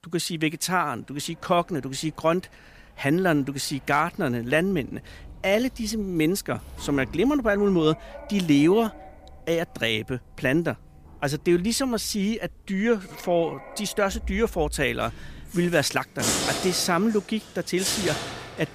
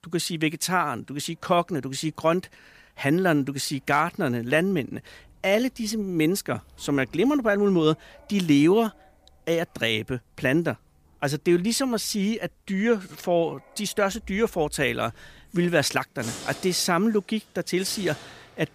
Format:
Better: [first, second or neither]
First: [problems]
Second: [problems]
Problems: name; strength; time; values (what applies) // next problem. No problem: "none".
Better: second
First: household noises; loud; throughout; 9 dB below the speech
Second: household noises; faint; throughout; 20 dB below the speech